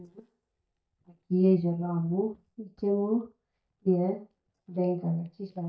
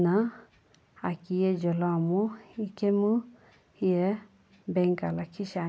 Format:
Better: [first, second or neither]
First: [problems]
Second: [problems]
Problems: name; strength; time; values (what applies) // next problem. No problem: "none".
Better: second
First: noise reduction (neural mask model DeepFilterNet 3)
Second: none